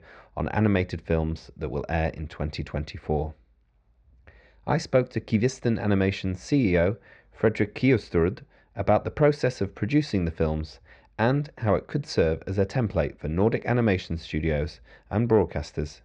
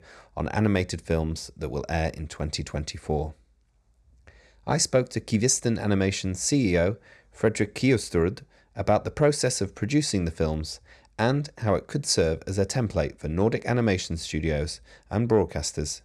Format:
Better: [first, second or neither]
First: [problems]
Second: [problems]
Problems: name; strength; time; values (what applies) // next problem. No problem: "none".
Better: second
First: muffled; slightly; fading above 3.5 kHz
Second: none